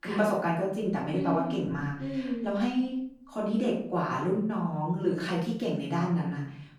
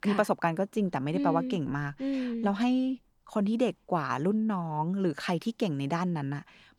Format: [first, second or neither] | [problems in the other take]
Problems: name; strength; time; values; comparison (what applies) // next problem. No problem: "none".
second | off-mic speech; far // room echo; noticeable; dies away in 0.5 s